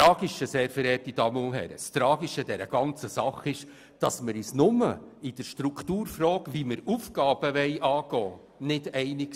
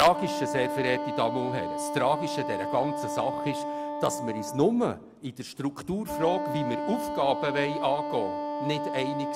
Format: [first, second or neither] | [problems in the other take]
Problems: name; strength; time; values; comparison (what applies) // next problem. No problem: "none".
first | background sound (Wind instrument, woodwind instrument); 4 dB below the speech